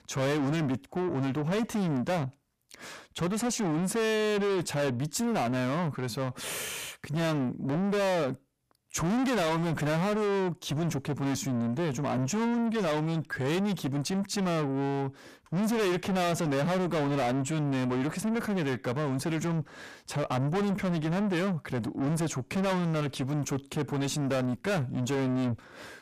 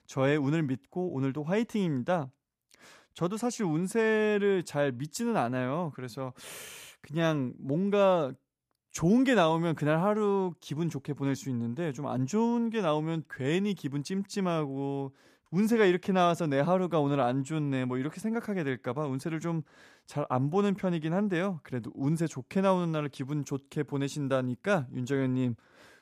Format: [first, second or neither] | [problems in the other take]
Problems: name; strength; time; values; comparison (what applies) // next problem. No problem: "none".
second | distortion; heavy; 6 dB below the speech